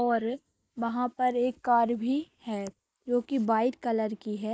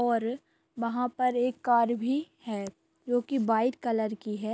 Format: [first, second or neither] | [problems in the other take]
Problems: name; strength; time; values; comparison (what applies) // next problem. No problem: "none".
second | noise reduction (neural mask model Resemble Enhance denoiser)